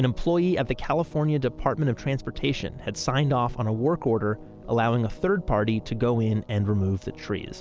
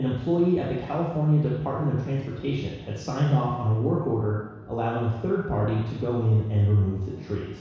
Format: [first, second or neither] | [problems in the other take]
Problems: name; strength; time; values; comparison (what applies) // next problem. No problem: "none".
first | room echo; dies away in 1.1 s